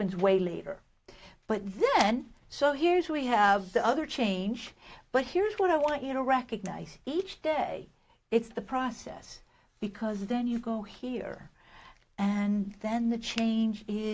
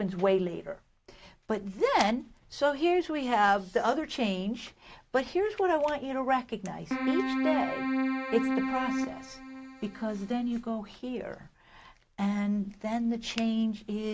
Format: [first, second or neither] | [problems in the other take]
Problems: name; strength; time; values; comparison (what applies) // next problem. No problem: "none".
first | background sound (Keyboard (musical)); 1 dB below the speech